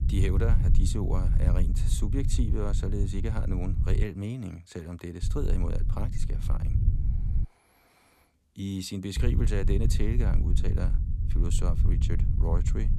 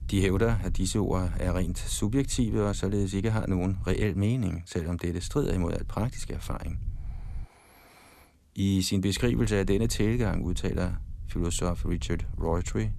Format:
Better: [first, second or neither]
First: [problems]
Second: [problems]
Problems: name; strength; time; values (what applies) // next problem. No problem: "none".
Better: second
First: low rumble; loud; until 4 s, from 5 to 7.5 s and from 9 s on; 6 dB below the speech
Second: low rumble; faint; until 4 s, from 5 to 7.5 s and from 9 s on; 25 dB below the speech